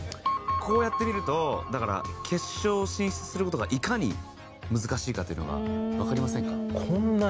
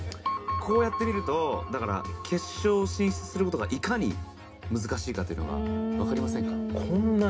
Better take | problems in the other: first | room echo; dies away in 0.3 s

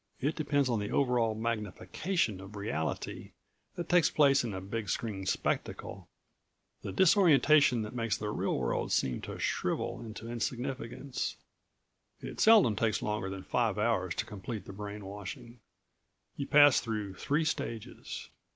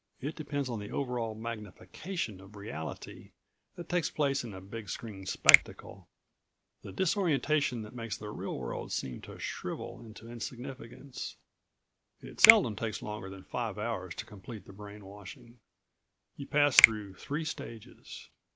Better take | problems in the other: first | background sound (Finger snapping); 5 dB above the speech

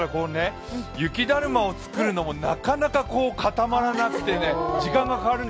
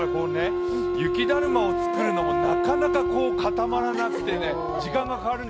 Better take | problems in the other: first | background sound (Wind instrument, woodwind instrument); 2 dB above the speech

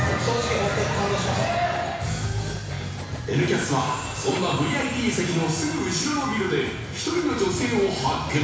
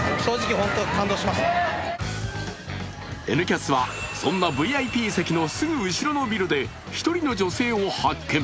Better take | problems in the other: second | background sound (Sawing); 19 dB below the speech // room echo; dies away in 1.1 s

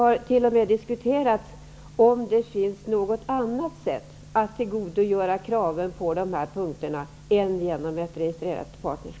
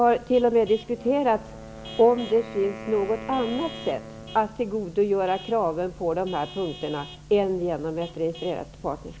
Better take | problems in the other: first | background sound (Wind instrument, woodwind instrument + Vehicle horn, car horn, honking / Truck); 17 dB below the speech

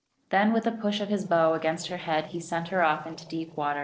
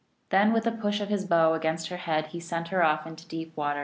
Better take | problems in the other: second | noise reduction (neural separator model SepFormer DNS4)

